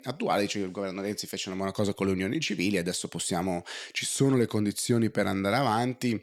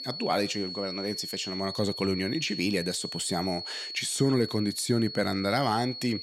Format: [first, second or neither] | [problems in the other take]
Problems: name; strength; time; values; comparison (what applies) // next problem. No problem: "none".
first | high-pitched whine; loud; throughout; 4.5 kHz, 7 dB below the speech